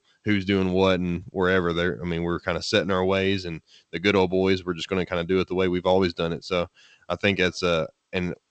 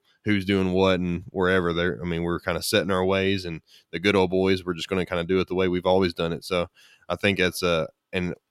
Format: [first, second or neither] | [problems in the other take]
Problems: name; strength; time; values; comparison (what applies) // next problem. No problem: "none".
second | garbled, watery; slightly; nothing above 8 kHz